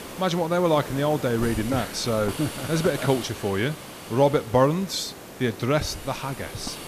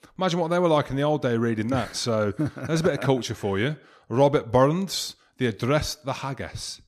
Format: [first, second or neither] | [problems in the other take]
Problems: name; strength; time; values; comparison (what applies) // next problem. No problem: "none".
second | hiss; noticeable; throughout; 10 dB below the speech